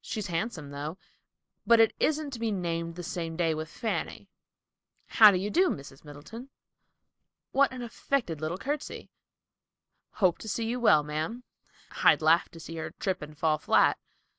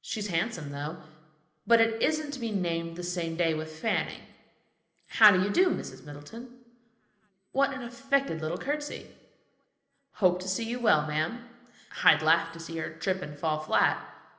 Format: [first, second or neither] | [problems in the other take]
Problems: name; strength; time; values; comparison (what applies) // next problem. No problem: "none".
first | room echo; dies away in 0.8 s